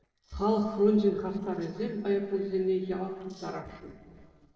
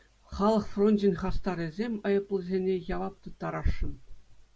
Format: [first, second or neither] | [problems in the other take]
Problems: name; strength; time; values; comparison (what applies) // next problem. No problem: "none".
second | noise reduction (neural separator model SepFormer DNS4)